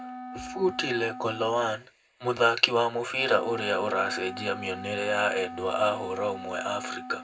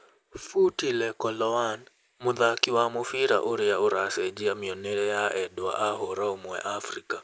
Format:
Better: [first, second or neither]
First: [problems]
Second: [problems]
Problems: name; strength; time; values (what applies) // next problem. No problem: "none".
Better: second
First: background sound (Wind instrument, woodwind instrument); 12 dB below the speech // room echo; dies away in 0.3 s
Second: none